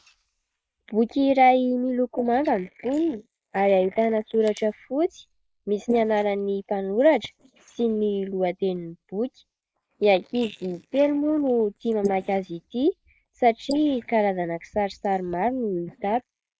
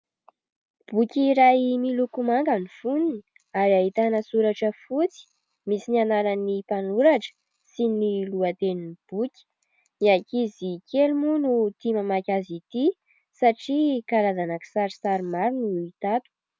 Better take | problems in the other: second | noise reduction (neural mask model Resemble Enhance denoiser)

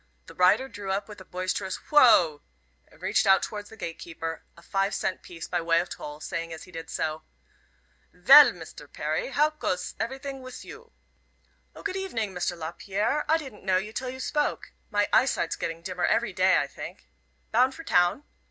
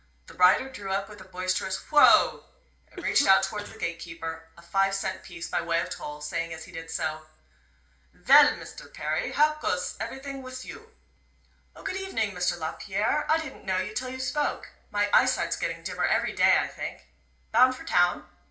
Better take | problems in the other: first | background sound (Cough); 14 dB below the speech // room echo; dies away in 0.3 s

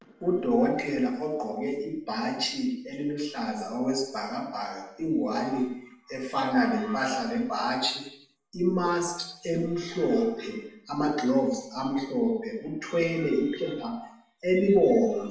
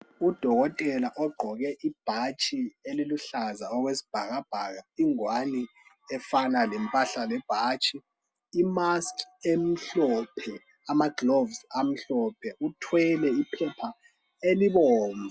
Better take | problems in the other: second | room echo; dies away in 0.7 s

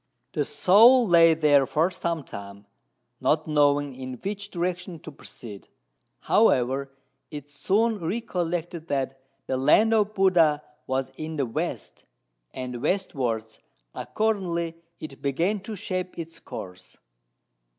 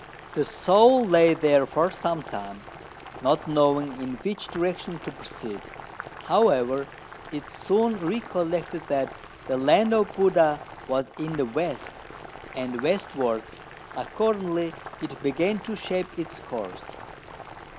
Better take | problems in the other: first | background sound (Boiling); 16 dB below the speech

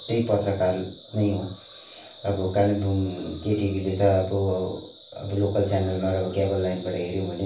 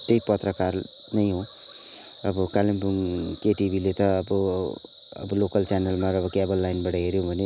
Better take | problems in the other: second | room echo; dies away in 0.3 s

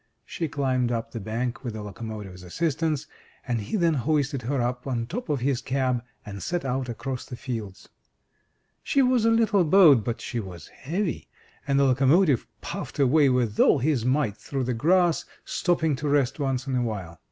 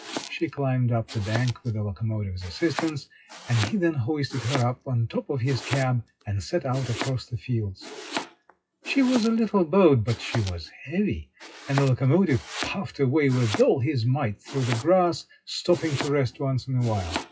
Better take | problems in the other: first | noise reduction (classical method WPE with log-MMSE)

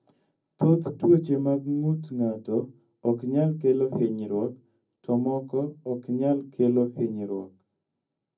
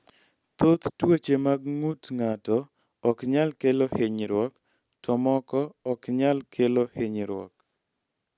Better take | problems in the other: second | room echo; dies away in 0.4 s

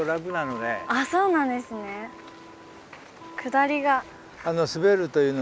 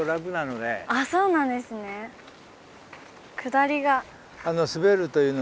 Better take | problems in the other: second | background sound (Electric guitar + Percussion); 17 dB below the speech

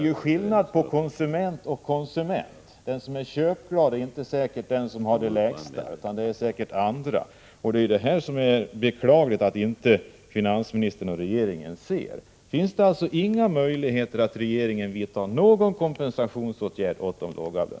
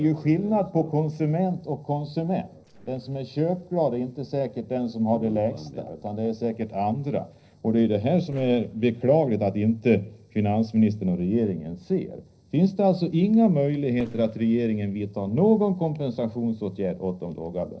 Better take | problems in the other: first | noise reduction (neural separator model SepFormer DNS4)

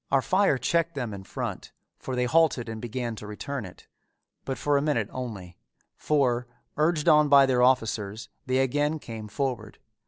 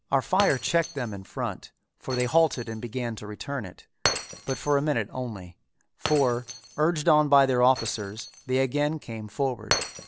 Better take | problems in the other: first | background sound (Shatter); 10 dB below the speech

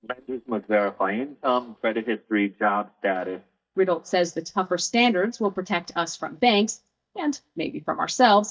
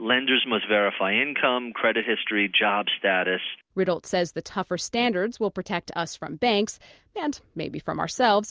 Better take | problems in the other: second | noise reduction (neural mask model DeepFilterNet 3)

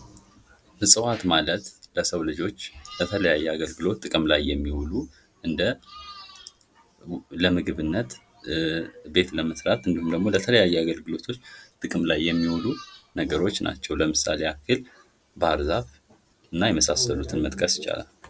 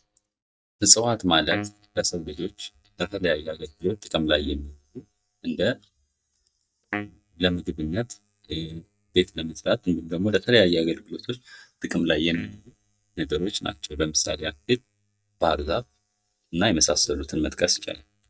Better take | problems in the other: first | noise reduction (neural mask model DeepFilterNet 3)

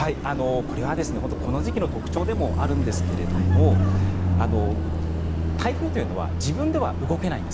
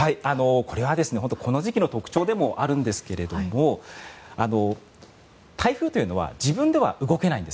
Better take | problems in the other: second | background sound (Car passing by); 4 dB above the speech

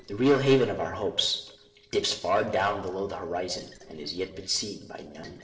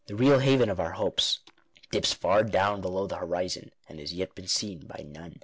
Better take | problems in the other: second | noise reduction (neural separator model SepFormer DNS4)

